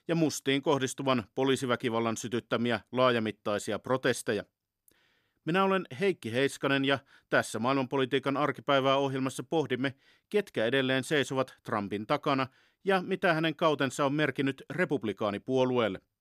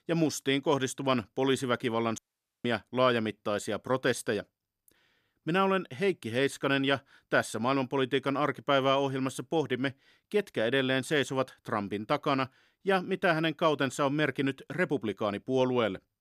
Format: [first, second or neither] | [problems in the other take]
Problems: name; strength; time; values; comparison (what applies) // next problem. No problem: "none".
first | audio cutting out; at 2 s